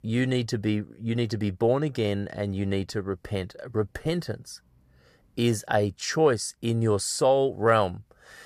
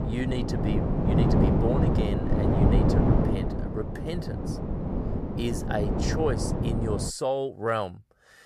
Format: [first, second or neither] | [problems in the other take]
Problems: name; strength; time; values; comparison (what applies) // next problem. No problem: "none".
first | wind noise on the microphone; heavy; until 7 s; 1 dB above the speech